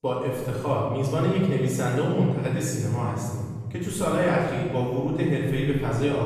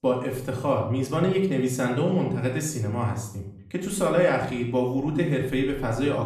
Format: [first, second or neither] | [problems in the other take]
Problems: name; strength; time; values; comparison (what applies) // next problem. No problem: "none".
second | room echo; strong; dies away in 2 s; slight in the second // off-mic speech; far; far in the second